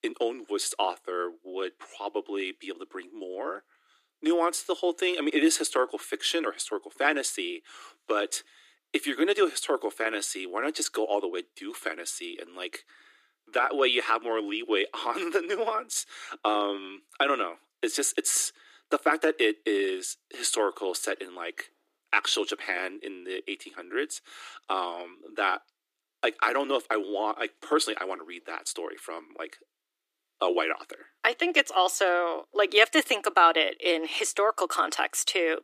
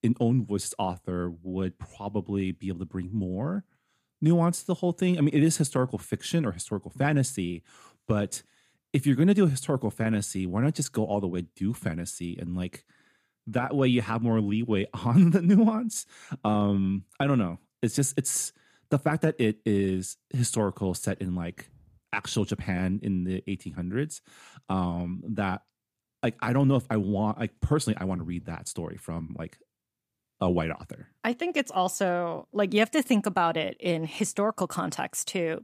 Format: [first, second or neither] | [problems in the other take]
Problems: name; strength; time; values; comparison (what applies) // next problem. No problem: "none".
second | thin; very; fading below 300 Hz